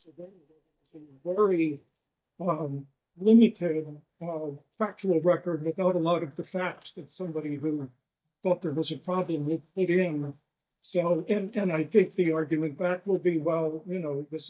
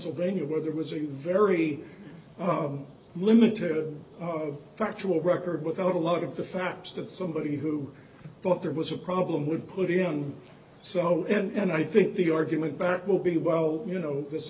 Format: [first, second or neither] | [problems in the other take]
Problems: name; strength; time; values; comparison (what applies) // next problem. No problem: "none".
second | noise reduction (neural mask model DeepFilterNet 3)